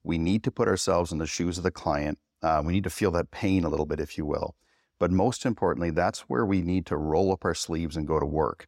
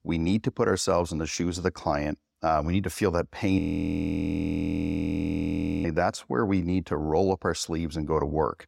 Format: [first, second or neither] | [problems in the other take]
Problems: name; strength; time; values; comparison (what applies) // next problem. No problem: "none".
first | audio freezing; at 3.5 s for 2.5 s